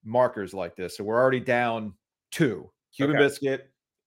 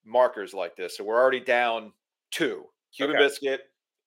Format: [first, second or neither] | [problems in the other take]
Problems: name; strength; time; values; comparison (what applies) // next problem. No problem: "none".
first | thin; somewhat; fading below 450 Hz